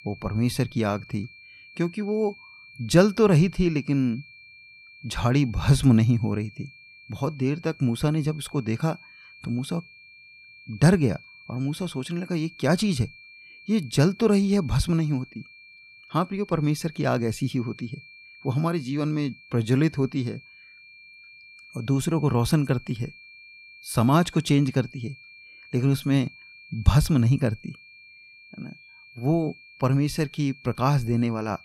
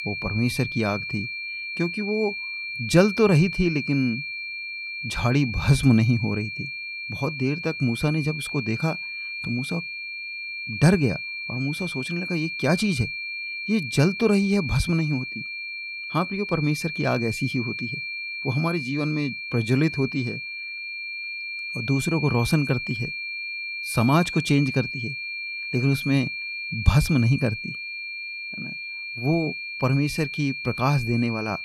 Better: first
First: high-pitched whine; faint; throughout; 2.5 kHz, 20 dB below the speech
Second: high-pitched whine; loud; throughout; 2.5 kHz, 6 dB below the speech

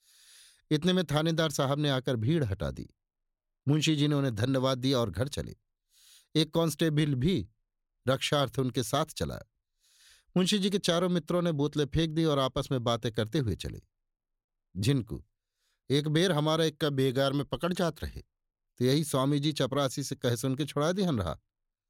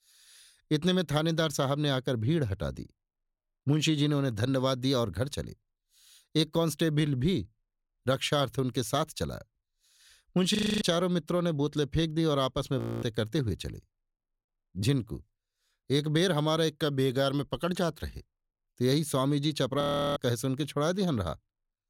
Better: first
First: none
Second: audio freezing; at 11 s, at 13 s and at 20 s

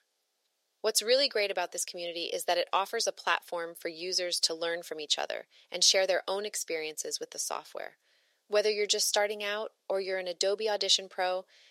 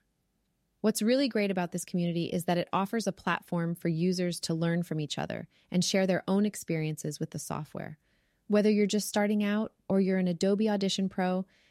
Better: second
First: thin; very; fading below 450 Hz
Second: none

